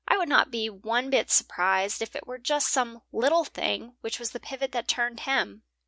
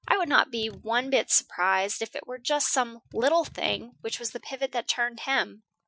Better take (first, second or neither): first